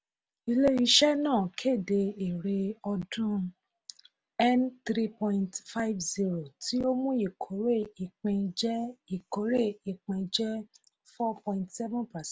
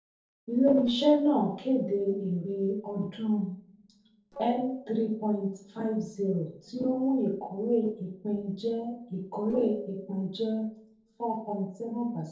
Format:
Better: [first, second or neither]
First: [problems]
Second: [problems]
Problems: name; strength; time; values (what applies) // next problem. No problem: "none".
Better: first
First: none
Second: noise reduction (neural separator model SepFormer DNS4)